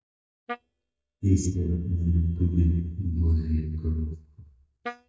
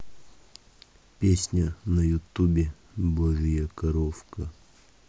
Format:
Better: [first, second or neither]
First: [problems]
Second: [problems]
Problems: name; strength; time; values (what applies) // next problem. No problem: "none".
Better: second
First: noise reduction (neural mask model DeepFilterNet 3)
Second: none